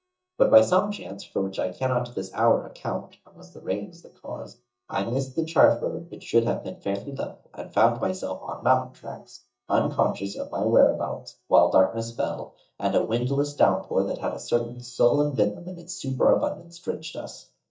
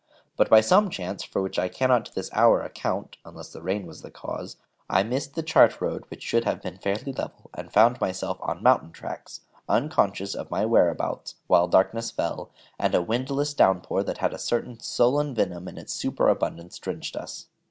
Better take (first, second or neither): second